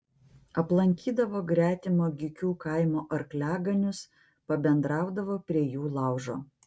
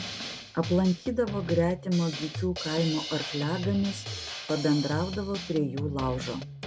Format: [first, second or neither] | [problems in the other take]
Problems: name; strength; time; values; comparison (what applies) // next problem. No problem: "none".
first | background sound (Drum kit); 8 dB below the speech